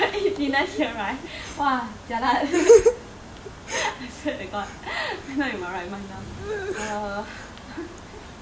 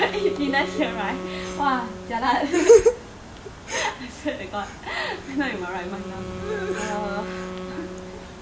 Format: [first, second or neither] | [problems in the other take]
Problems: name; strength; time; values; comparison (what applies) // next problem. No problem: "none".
first | background sound (Wind instrument, woodwind instrument); 12 dB below the speech